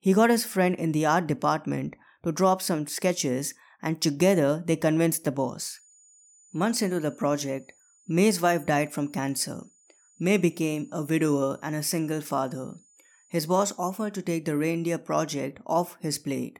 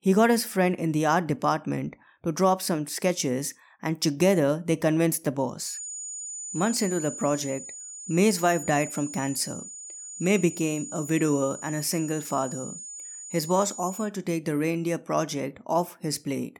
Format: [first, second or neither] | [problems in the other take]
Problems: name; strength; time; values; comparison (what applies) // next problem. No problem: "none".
first | high-pitched whine; loud; from 5.5 to 14 s; 7 kHz, 10 dB below the speech; faint in the first